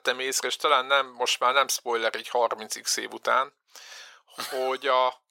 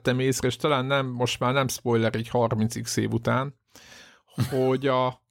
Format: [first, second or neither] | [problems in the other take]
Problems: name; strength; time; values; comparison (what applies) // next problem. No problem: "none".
second | thin; very; fading below 550 Hz